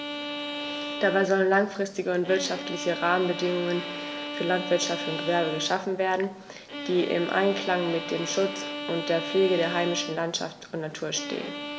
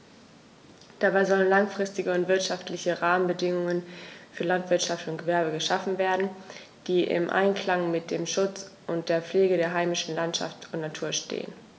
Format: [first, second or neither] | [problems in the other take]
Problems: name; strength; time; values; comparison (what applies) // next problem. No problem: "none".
second | background sound (Bowed string instrument); 8 dB below the speech